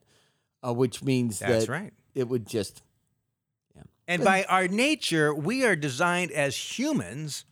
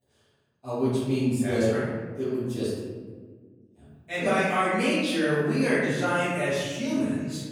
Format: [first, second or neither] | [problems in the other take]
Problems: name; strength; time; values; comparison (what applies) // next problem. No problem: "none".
first | room echo; strong; dies away in 1.5 s // off-mic speech; far